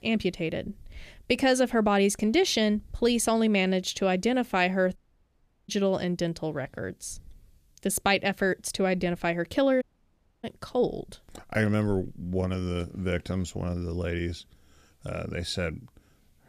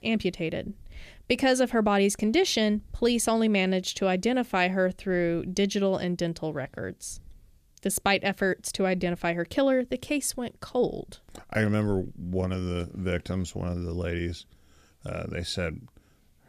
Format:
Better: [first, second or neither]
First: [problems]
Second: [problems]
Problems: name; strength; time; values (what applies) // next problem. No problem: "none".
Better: second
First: audio cutting out; at 5 s for 0.5 s and at 10 s for 0.5 s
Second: none